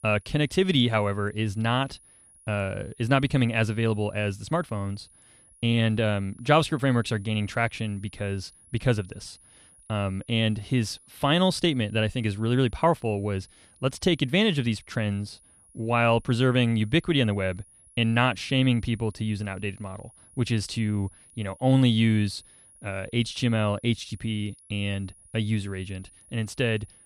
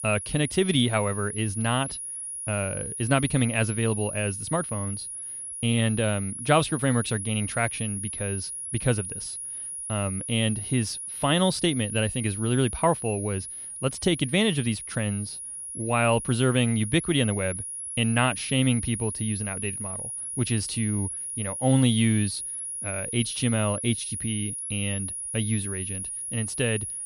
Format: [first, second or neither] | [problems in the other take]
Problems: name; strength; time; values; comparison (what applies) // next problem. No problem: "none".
first | high-pitched whine; loud; throughout; 10.5 kHz, 6 dB below the speech; faint in the first